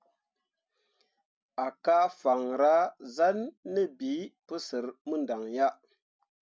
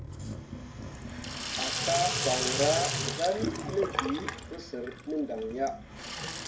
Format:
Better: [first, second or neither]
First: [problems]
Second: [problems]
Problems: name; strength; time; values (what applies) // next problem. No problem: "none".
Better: first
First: none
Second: background sound (Sink (filling or washing) / Water tap, faucet); 1 dB below the speech // room echo; dies away in 0.3 s